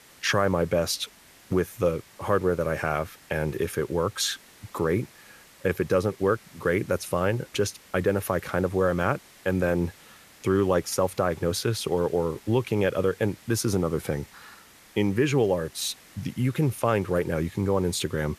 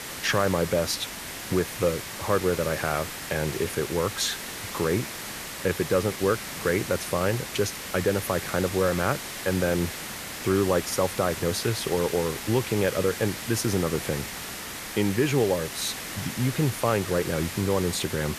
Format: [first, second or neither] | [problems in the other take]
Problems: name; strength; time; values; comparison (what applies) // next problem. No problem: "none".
first | hiss; loud; throughout; 7 dB below the speech; faint in the first